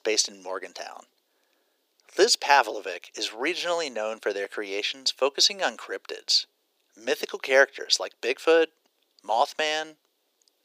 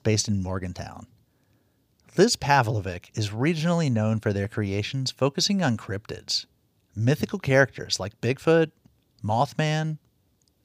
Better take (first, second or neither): second